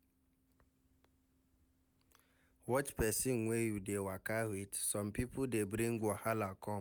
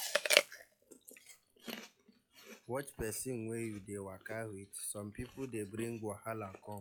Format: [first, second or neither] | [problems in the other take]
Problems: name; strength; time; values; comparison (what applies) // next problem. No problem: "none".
first | noise reduction (classical method log-MMSE)